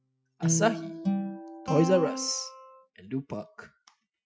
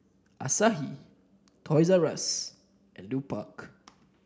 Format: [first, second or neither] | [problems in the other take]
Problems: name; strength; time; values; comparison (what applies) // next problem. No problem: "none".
second | noise reduction (classical method Wiener filter)